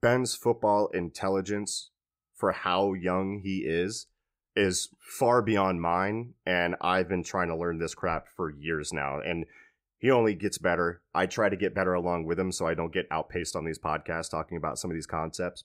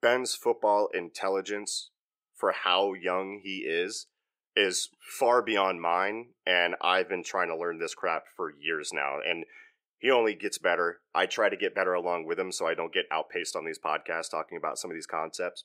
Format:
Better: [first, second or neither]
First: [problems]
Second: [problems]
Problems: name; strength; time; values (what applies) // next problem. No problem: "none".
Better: first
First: none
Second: thin; somewhat; fading below 450 Hz